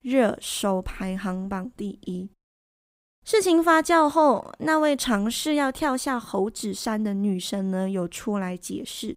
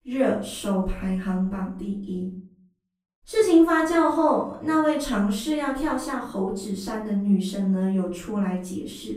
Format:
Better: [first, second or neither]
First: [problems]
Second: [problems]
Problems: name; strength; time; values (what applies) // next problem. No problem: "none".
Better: first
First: none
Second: off-mic speech; far // room echo; noticeable; dies away in 0.5 s